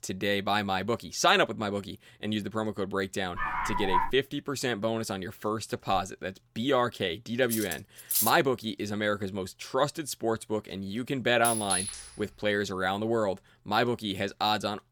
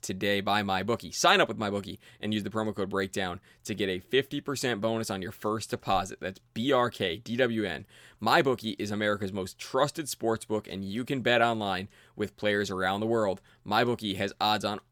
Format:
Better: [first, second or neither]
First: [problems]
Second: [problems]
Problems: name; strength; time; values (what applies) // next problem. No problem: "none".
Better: second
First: dog barking; loud; at 3.5 s; peak 1 dB above the speech // clattering dishes; loud; at 7.5 s and at 11 s; peak 3 dB above the speech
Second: none